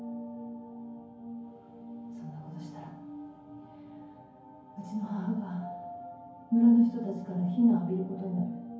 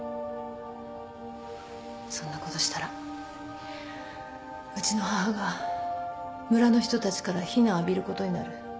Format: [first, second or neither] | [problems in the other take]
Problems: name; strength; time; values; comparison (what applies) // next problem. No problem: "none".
second | room echo; dies away in 0.9 s